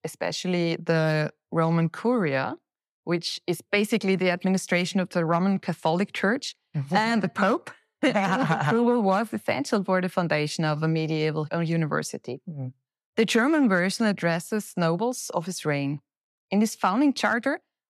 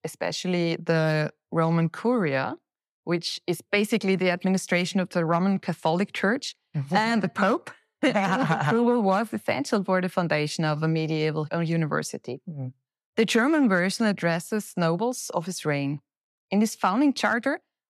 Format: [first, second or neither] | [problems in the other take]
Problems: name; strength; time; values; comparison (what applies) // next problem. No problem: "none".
neither | none